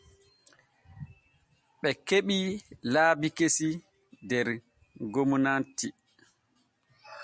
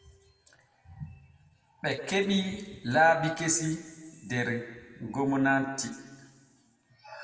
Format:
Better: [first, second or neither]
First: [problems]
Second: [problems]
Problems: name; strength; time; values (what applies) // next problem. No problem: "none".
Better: first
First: none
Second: room echo; dies away in 1.5 s